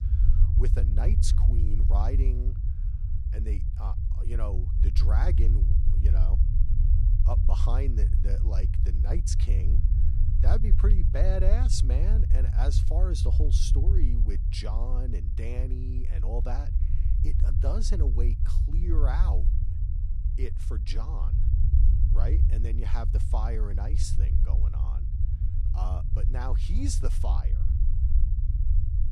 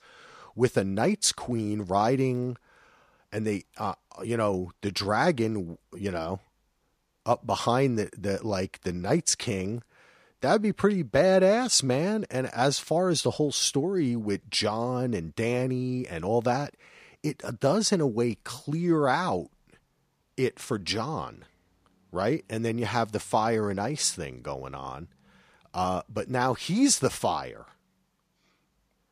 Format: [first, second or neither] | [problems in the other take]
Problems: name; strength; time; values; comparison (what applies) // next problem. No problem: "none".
second | low rumble; loud; throughout; 5 dB below the speech